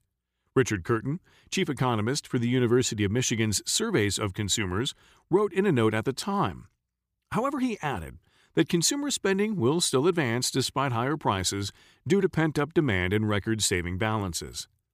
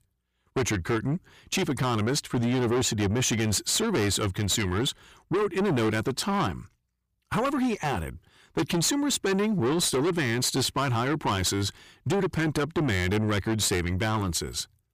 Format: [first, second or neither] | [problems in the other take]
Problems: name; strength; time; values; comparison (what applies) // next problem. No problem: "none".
first | distortion; heavy; 6 dB below the speech